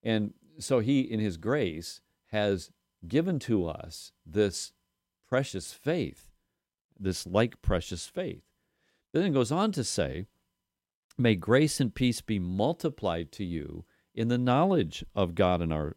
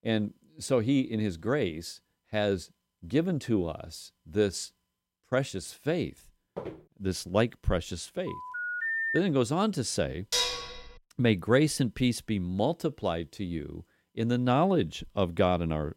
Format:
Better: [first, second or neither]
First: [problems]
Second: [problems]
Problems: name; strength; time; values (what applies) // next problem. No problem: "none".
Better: first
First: none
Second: footsteps; faint; at 6.5 s; peak 10 dB below the speech // phone ringing; loud; at 8.5 s; peak 1 dB above the speech // clattering dishes; loud; at 10 s; peak 2 dB above the speech